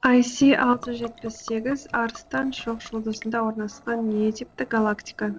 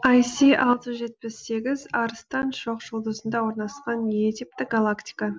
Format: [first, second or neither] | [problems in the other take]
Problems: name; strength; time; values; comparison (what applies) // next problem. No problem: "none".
second | noise reduction (neural separator model SepFormer DNS4)